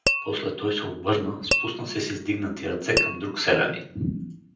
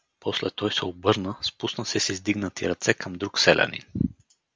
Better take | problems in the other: second | background sound (Tap / Glass); 4 dB below the speech // room echo; dies away in 0.6 s

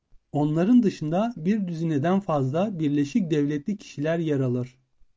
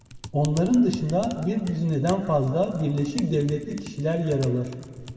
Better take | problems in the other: first | background sound (Typing); 18 dB below the speech // room echo; dies away in 1.8 s

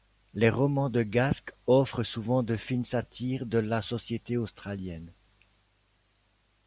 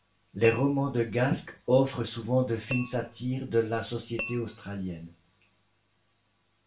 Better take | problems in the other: first | background sound (Tap / Glass); 14 dB below the speech // room echo; dies away in 0.3 s

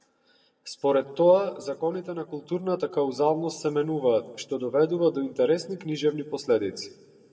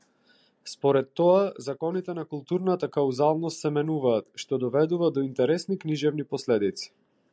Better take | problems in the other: second | room echo; dies away in 0.9 s

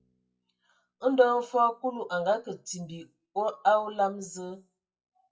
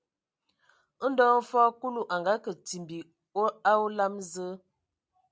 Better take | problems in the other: second | noise reduction (classical method WPE with log-MMSE)

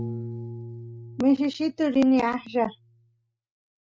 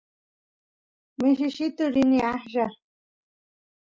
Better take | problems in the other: second | noise reduction (neural mask model RNNoise)

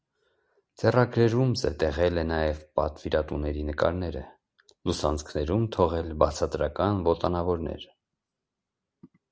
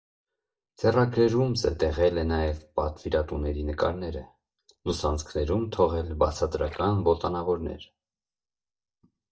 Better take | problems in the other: first | noise reduction (neural mask model DeepFilterNet 3)

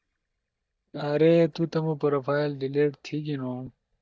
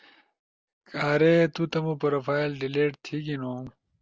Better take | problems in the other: second | noise reduction (neural mask model DeepFilterNet 3)

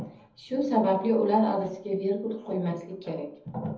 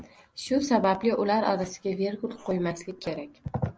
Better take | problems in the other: second | room echo; dies away in 0.7 s

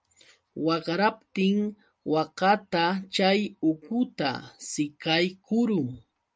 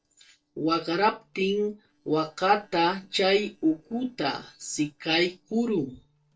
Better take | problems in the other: first | noise reduction (neural separator model SepFormer DNS4)

